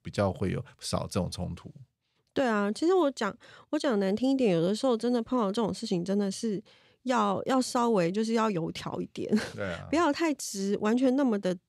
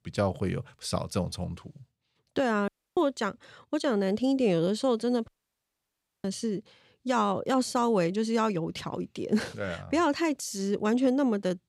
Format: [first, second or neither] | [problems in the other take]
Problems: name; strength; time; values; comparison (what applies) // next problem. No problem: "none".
first | audio cutting out; at 2.5 s and at 5.5 s for 1 s